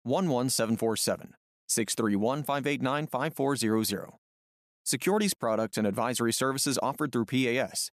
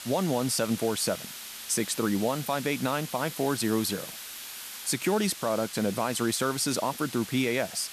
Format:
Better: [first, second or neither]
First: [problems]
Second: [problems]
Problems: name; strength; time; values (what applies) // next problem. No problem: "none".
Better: first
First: none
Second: hiss; noticeable; throughout; 10 dB below the speech